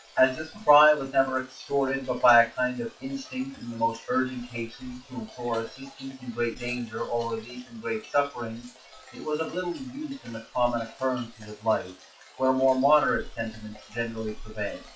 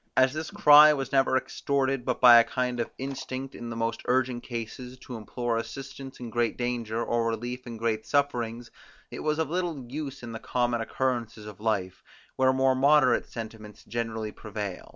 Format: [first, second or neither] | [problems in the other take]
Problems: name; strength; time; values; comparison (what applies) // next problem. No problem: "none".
second | noise reduction (classical method WPE with log-MMSE)